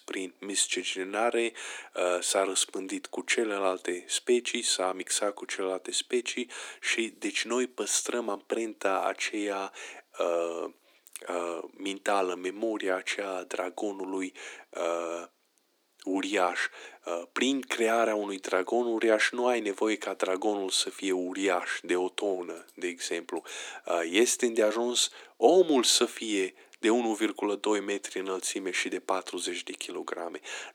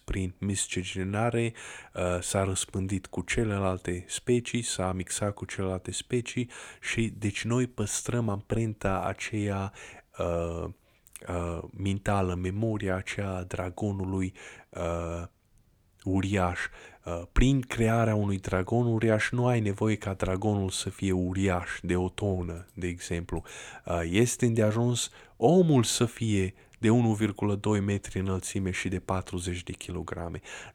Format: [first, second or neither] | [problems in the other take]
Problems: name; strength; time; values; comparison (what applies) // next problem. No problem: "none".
second | thin; somewhat; fading below 300 Hz